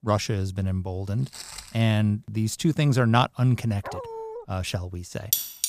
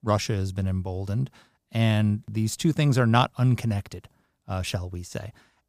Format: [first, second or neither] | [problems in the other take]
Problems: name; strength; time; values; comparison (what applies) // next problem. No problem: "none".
second | footsteps; faint; at 1 s; peak 10 dB below the speech // dog barking; noticeable; at 4 s; peak 10 dB below the speech // clattering dishes; loud; at 5.5 s; peak 1 dB above the speech